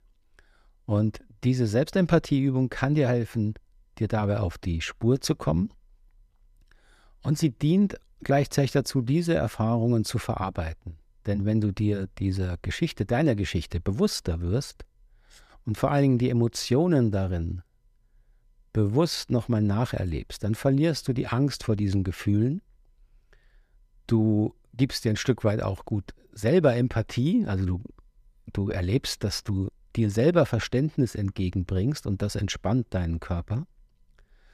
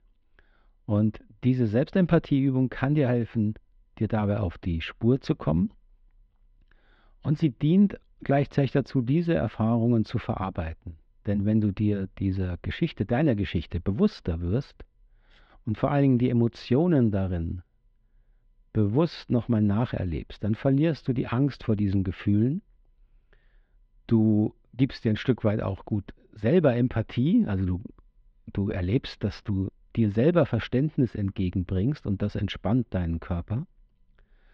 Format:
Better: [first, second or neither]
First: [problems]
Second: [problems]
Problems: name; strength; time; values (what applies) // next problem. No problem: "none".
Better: first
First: none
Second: muffled; slightly; fading above 3.5 kHz